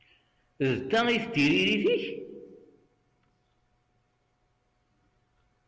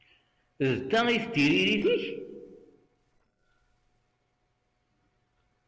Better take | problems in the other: first | noise reduction (neural separator model SepFormer DNS4)

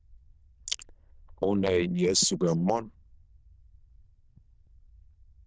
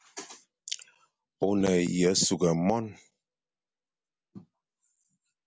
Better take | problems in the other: second | noise reduction (neural diffusion model UNIVERSE++)

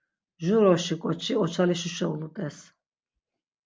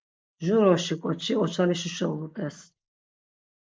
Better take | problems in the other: first | noise reduction (neural mask model Resemble Enhance denoiser)

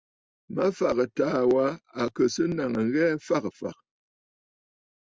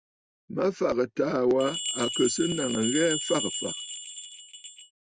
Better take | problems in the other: first | background sound (Bell); 5 dB below the speech

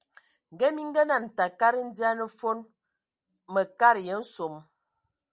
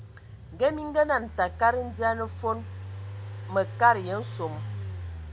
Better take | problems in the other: first | background sound (Engine); 10 dB below the speech

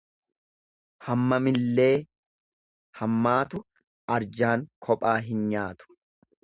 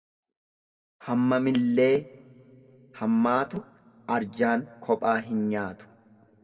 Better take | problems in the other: first | room echo; dies away in 1.1 s

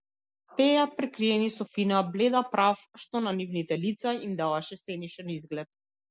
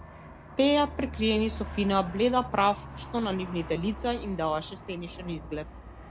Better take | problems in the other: first | background sound (Aircraft); 12 dB below the speech

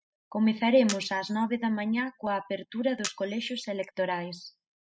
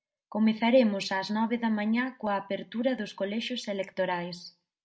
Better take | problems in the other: second | noise reduction (classical method spectral subtraction)

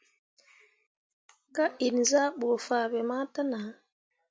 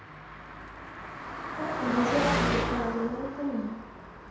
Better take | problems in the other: first | background sound (Car passing by); as loud as the speech // room echo; dies away in 0.9 s

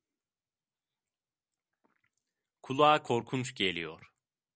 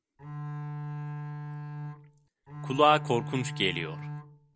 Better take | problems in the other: first | background sound (Bowed string instrument); 6 dB below the speech

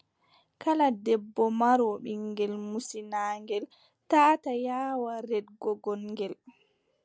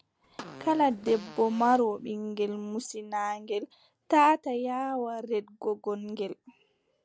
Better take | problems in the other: first | background sound (Fart); 16 dB below the speech

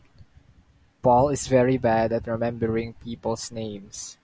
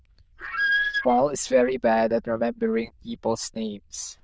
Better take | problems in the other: first | noise reduction (neural diffusion model UNIVERSE++)

